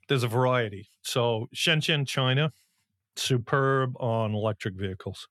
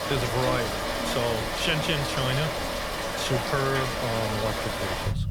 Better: first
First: none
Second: rain or running water; very loud; throughout; as loud as the speech

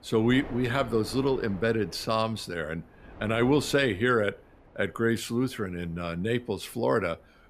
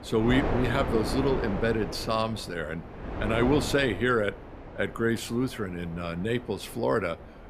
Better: first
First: wind noise on the microphone; occasional gusts; 20 dB below the speech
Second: wind noise on the microphone; heavy; 7 dB below the speech

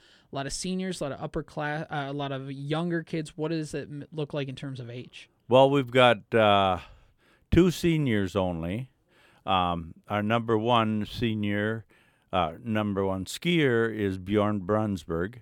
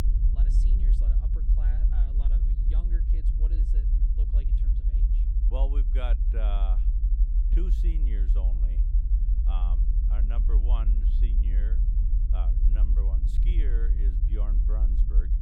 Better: first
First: none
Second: low rumble; loud; throughout; 2 dB below the speech

